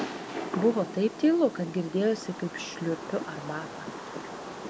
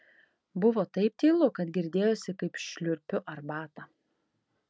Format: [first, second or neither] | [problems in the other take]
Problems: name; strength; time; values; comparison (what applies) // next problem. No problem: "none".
second | background sound (Fireworks); 9 dB below the speech